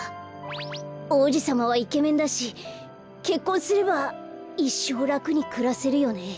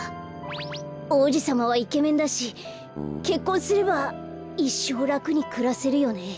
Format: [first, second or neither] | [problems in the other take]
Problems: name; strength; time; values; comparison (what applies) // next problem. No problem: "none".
first | background sound (Bass guitar); 16 dB below the speech